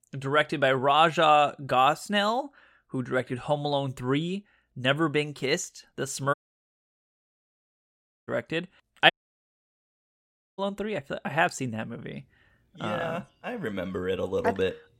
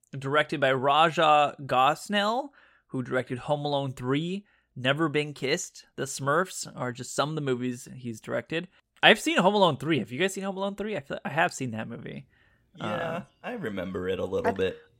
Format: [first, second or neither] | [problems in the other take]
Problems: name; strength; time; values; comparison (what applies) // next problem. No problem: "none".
second | audio cutting out; at 6.5 s for 2 s and at 9 s for 1.5 s